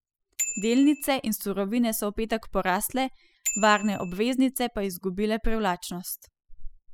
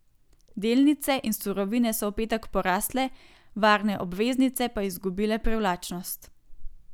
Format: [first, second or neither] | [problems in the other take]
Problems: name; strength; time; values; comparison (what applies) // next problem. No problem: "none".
second | noise reduction (classical method spectral subtraction)